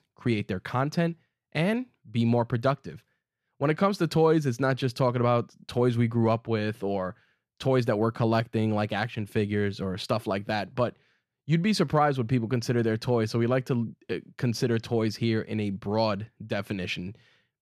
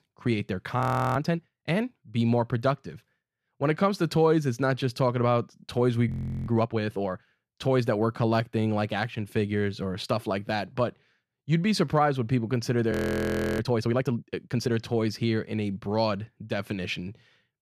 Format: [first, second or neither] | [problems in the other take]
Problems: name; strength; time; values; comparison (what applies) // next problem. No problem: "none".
first | audio freezing; at 1 s, at 6 s and at 13 s for 0.5 s